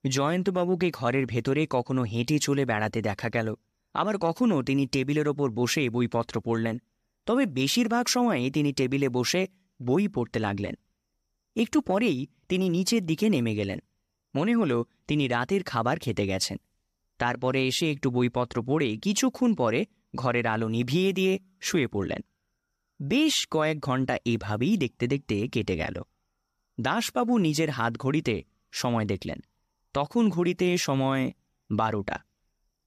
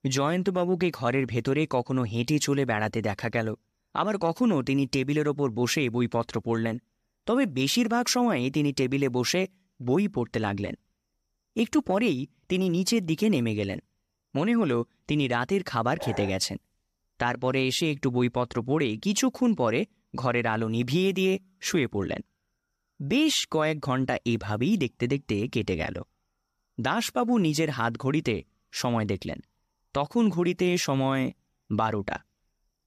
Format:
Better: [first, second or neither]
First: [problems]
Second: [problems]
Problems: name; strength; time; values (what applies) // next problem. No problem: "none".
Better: first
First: none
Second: dog barking; noticeable; at 16 s; peak 10 dB below the speech